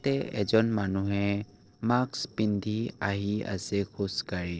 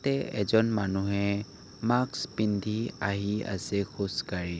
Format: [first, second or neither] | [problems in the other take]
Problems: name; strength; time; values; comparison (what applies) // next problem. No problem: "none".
second | noise reduction (neural separator model SepFormer DNS4)